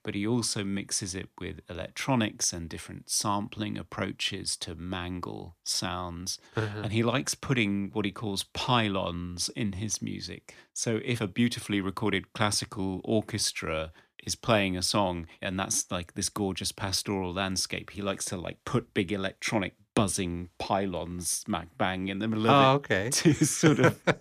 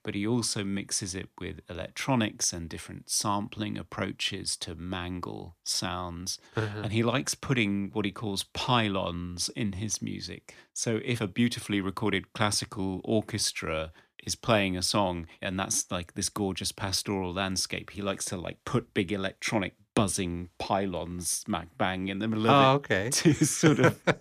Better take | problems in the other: neither | none

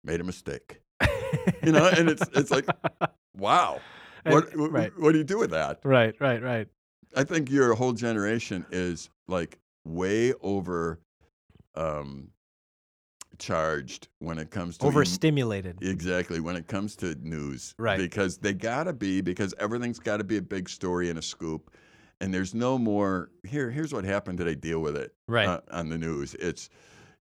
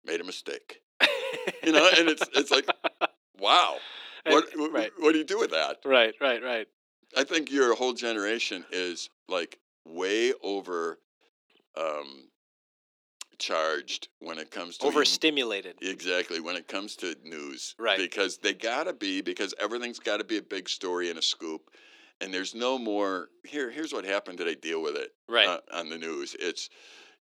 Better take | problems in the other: first | thin; somewhat; fading below 300 Hz

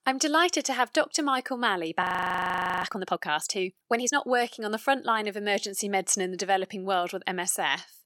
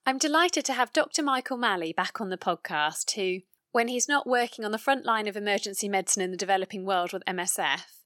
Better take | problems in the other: second | audio freezing; at 2 s for 1 s

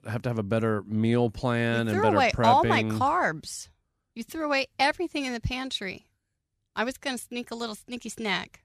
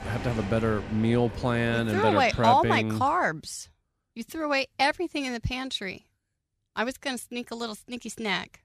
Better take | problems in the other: first | train or aircraft noise; very faint; until 2.5 s; 10 dB below the speech

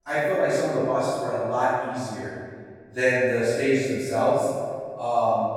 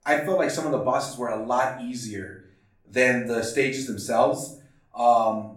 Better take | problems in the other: second | room echo; strong; dies away in 1.9 s; slight in the second // off-mic speech; far; far in the second

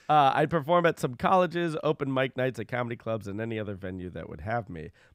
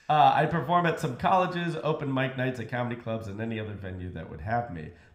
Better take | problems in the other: first | room echo; very slight; dies away in 0.6 s

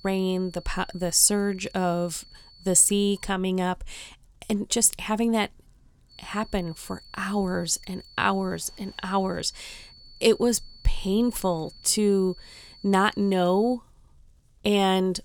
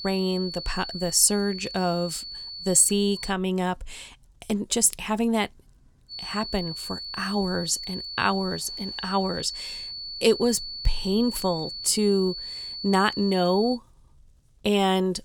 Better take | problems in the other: first | high-pitched whine; loud; until 3.5 s and from 6 to 14 s; 4.5 kHz, 9 dB below the speech; faint in the first

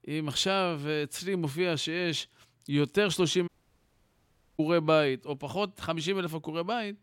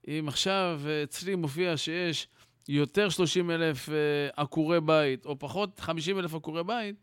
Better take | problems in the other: second | audio cutting out; at 3.5 s for 1 s

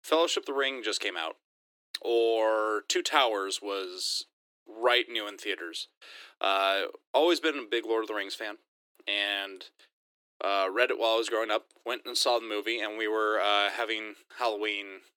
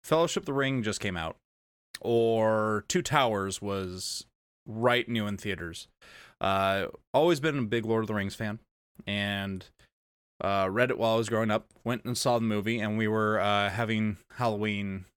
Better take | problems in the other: second | thin; very; fading below 300 Hz

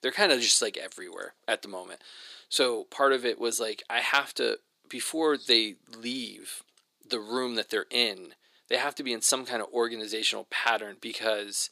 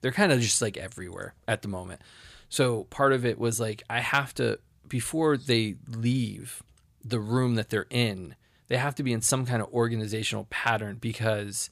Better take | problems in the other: second | thin; somewhat; fading below 300 Hz

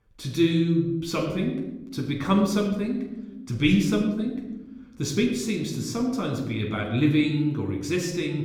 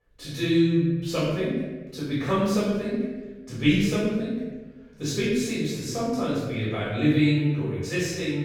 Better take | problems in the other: first | room echo; strong; dies away in 1.2 s; slight in the first // off-mic speech; far; somewhat distant in the first

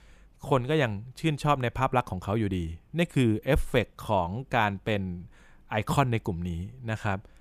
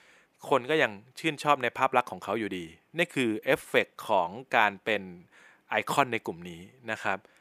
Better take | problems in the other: first | thin; somewhat; fading below 350 Hz

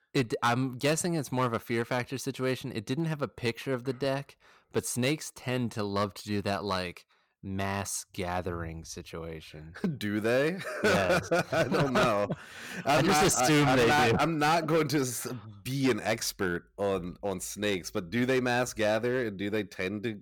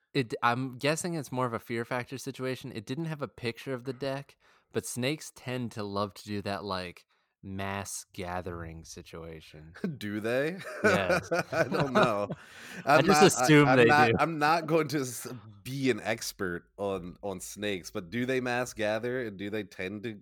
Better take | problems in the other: second | distortion; heavy; 7% of the sound clipped

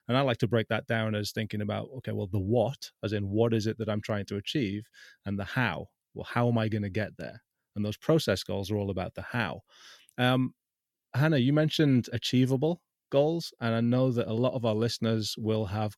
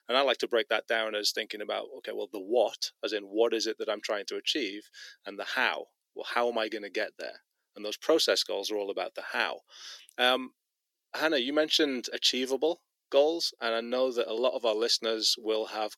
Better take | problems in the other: first | thin; very; fading below 350 Hz

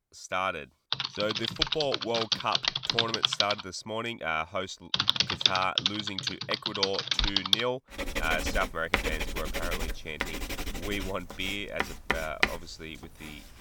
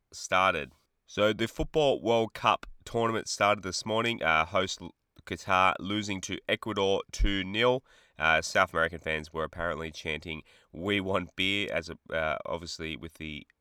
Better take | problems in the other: second | household noises; very loud; throughout; 4 dB above the speech

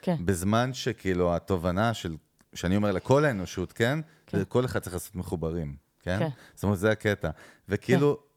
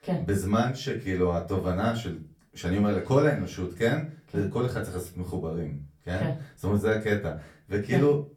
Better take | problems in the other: first | off-mic speech; far // room echo; very slight; dies away in 0.3 s

